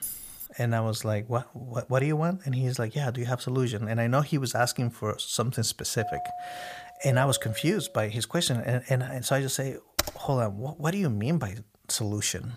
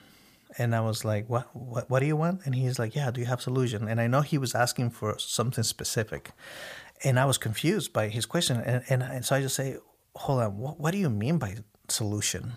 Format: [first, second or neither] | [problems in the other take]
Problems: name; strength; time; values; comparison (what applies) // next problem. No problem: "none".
second | jangling keys; noticeable; at the start; peak 6 dB below the speech // doorbell; noticeable; from 6 to 8 s; peak 6 dB below the speech // keyboard typing; noticeable; at 10 s; peak 2 dB below the speech